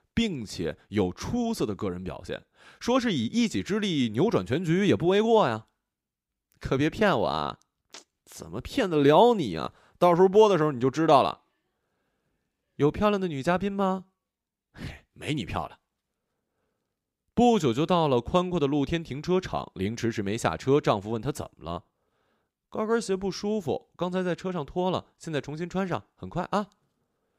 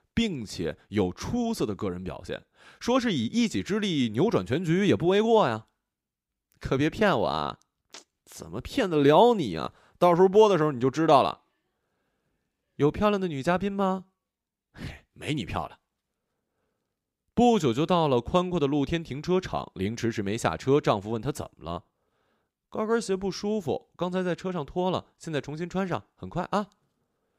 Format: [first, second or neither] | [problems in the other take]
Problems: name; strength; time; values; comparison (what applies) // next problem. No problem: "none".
neither | none